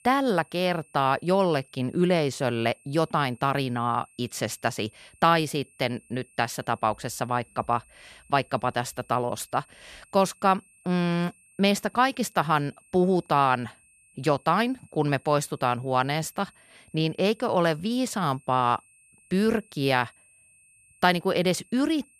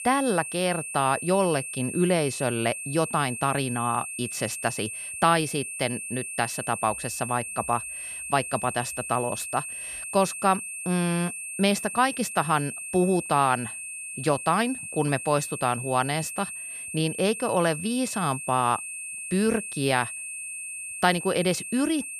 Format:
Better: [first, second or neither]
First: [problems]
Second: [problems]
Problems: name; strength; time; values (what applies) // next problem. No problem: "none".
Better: first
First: high-pitched whine; faint; throughout; 8.5 kHz, 30 dB below the speech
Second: high-pitched whine; loud; throughout; 8.5 kHz, 7 dB below the speech